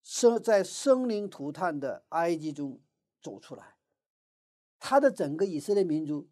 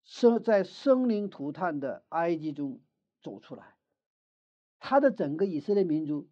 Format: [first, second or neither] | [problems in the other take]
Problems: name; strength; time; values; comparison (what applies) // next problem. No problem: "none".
first | muffled; slightly; fading above 4 kHz